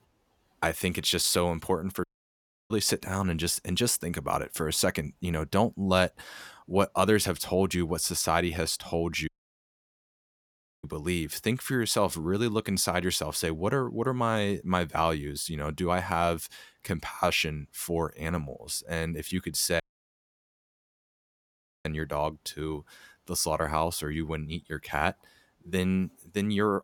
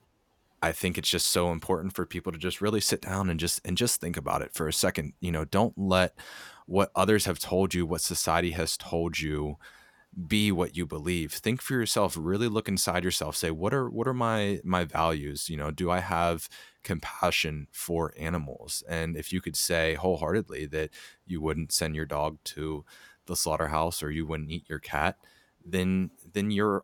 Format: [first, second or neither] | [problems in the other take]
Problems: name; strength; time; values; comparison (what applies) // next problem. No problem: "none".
second | audio cutting out; at 2 s for 0.5 s, at 9.5 s for 1.5 s and at 20 s for 2 s